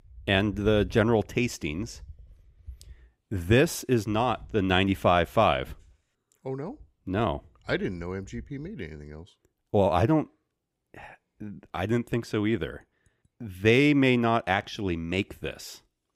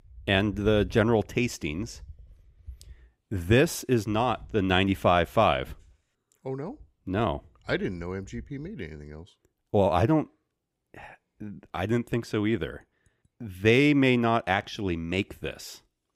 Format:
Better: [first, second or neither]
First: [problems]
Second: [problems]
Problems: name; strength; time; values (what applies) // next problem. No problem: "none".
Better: neither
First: none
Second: none